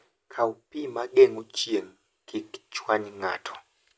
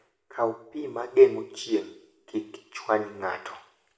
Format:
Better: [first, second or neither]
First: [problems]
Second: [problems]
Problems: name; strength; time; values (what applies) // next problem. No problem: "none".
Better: first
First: none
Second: room echo; dies away in 0.6 s